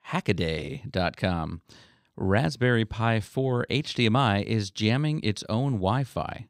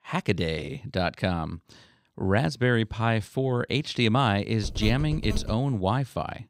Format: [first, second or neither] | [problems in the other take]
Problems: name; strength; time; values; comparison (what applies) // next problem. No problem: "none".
first | phone ringing; noticeable; at 4.5 s; peak 7 dB below the speech